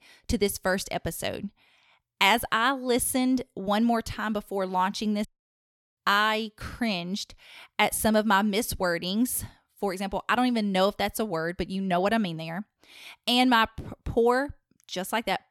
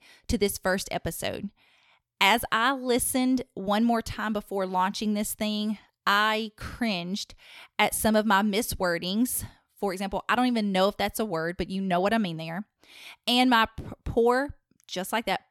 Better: second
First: audio cutting out; at 5.5 s for 0.5 s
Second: none

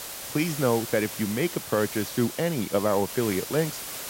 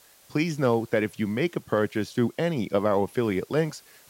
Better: second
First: hiss; loud; throughout; 8 dB below the speech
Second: hiss; faint; throughout; 25 dB below the speech

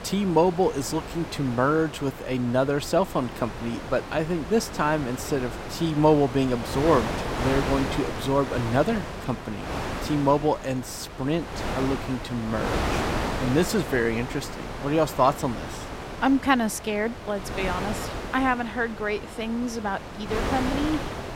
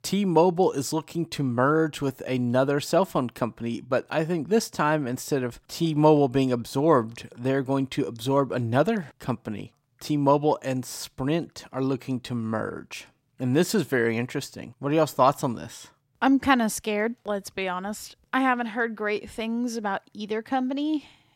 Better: second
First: wind noise on the microphone; heavy; 7 dB below the speech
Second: none

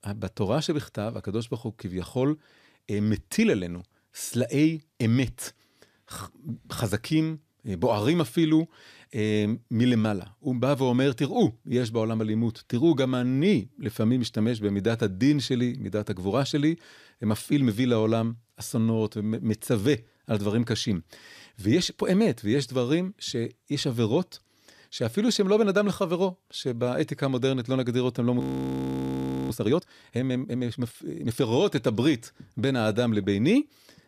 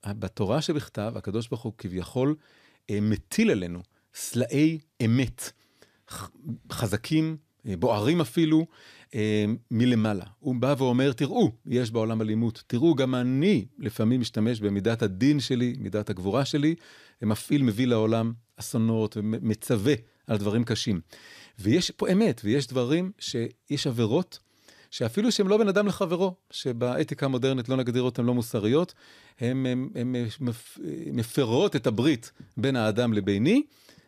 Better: second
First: audio freezing; at 28 s for 1 s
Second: none

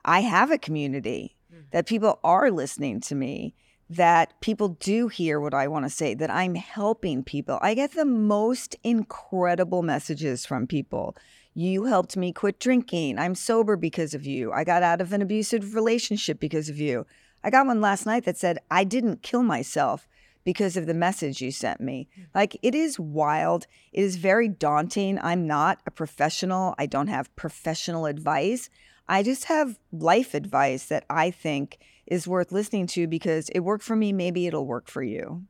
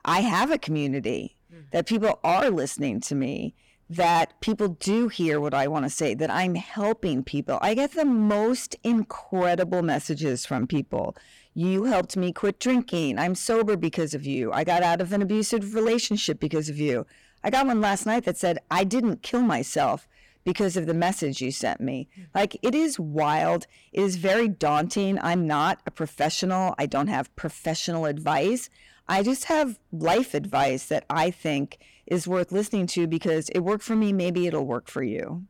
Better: first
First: none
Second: distortion; slight; 8% of the sound clipped

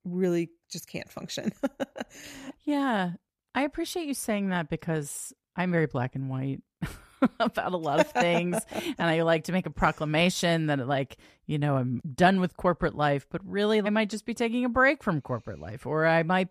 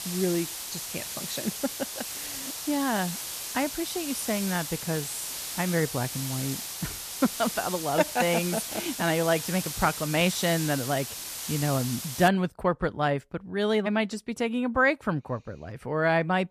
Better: first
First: none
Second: hiss; loud; until 12 s; 5 dB below the speech

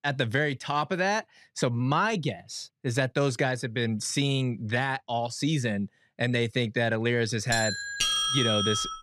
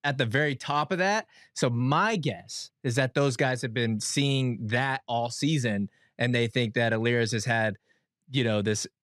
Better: second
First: doorbell; loud; from 7.5 s on; peak 4 dB above the speech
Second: none

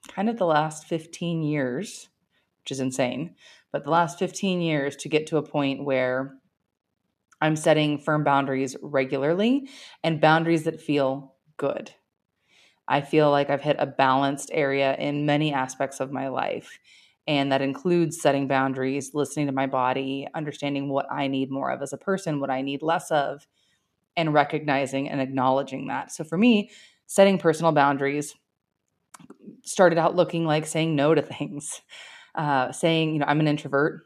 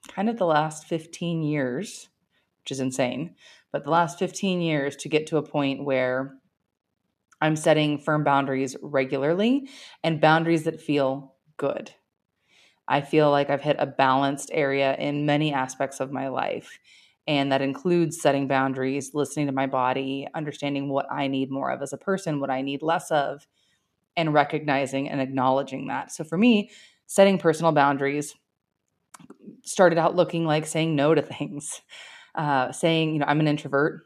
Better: neither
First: none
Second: none

